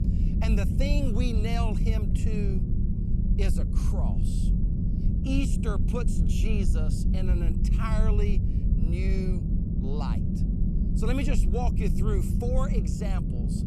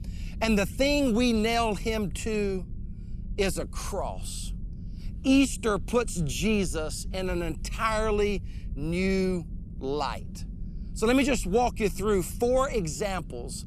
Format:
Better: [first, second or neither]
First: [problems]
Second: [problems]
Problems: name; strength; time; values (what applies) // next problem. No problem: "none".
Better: second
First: low rumble; loud; throughout; 3 dB below the speech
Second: low rumble; faint; throughout; 25 dB below the speech